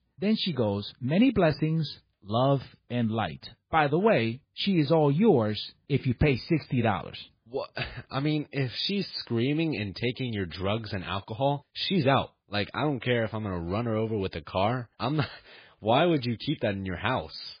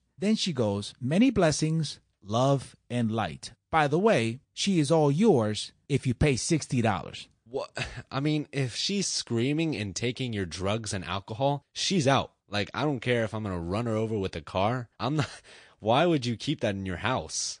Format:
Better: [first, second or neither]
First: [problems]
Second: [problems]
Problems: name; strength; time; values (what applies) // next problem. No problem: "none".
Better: second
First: garbled, watery; badly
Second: garbled, watery; slightly; nothing above 9 kHz